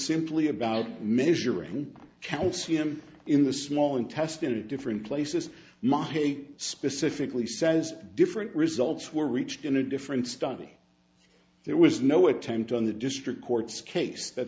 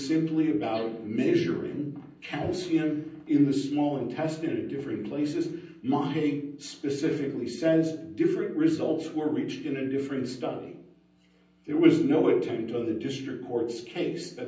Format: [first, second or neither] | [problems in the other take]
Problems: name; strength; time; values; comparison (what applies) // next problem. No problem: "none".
first | room echo; dies away in 0.6 s